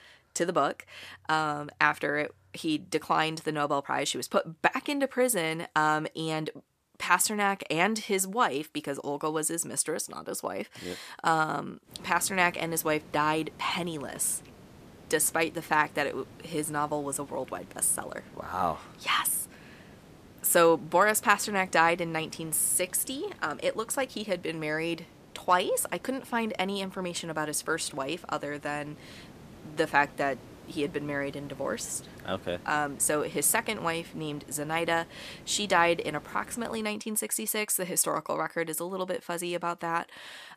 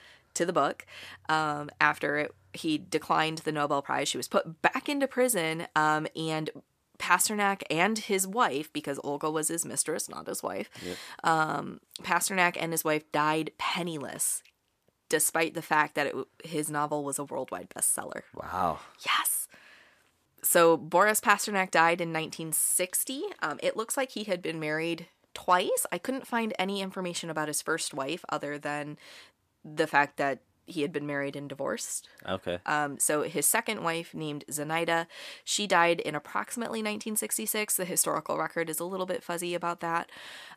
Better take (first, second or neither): second